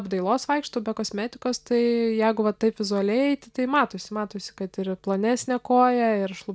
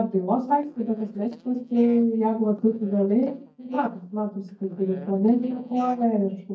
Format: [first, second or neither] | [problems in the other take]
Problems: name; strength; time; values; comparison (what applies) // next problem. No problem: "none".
first | noise reduction (neural mask model DeepFilterNet 3)